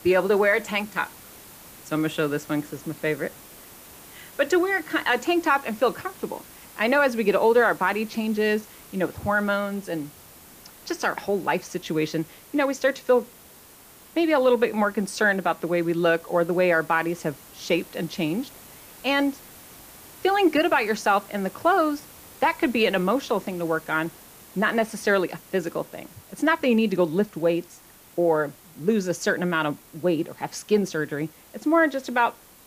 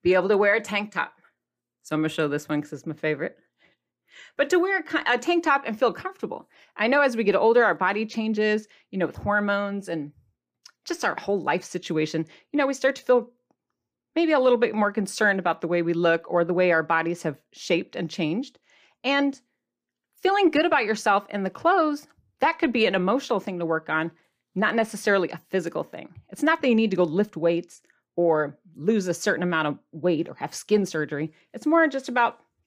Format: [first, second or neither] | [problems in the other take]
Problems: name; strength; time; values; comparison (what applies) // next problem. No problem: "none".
second | hiss; faint; throughout; 20 dB below the speech